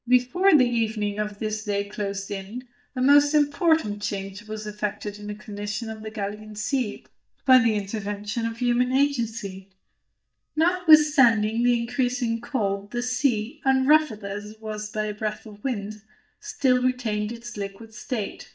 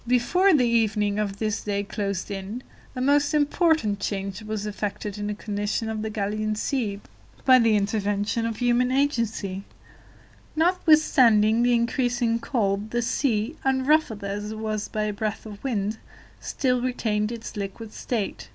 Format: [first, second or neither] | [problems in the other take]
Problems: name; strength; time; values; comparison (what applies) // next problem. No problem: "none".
second | noise reduction (neural mask model DeepFilterNet 3)